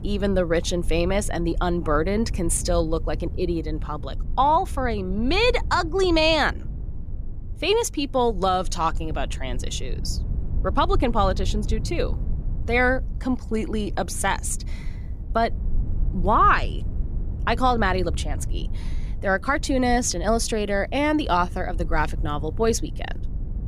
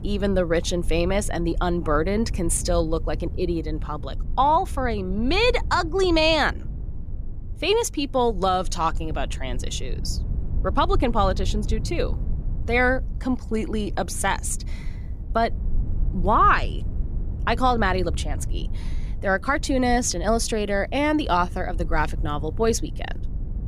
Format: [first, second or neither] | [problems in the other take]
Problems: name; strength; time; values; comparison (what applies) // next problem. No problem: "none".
neither | low rumble; faint; throughout; 25 dB below the speech; the same in both